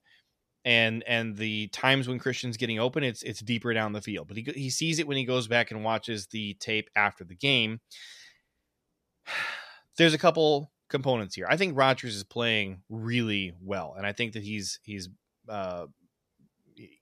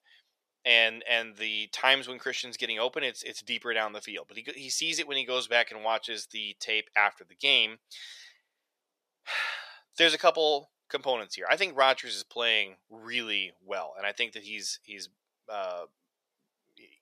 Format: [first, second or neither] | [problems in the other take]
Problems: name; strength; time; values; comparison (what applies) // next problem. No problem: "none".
first | thin; very; fading below 600 Hz